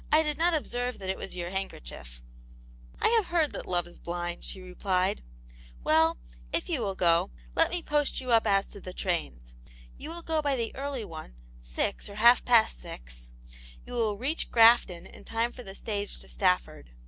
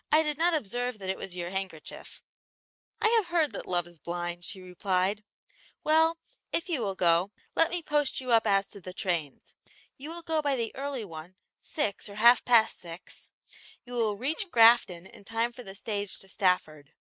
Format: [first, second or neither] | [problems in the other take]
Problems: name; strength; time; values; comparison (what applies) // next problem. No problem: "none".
first | noise reduction (neural mask model Resemble Enhance denoiser)